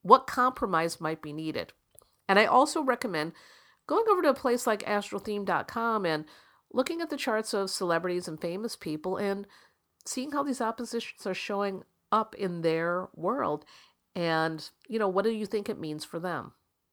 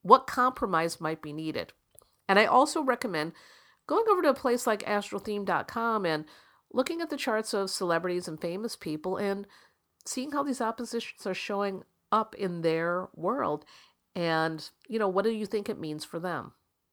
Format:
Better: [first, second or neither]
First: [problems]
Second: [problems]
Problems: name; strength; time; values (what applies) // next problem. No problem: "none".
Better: neither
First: none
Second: none